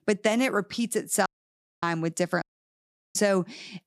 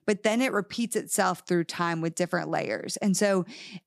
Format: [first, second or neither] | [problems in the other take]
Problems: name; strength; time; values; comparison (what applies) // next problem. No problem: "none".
second | audio cutting out; at 1.5 s for 0.5 s and at 2.5 s for 0.5 s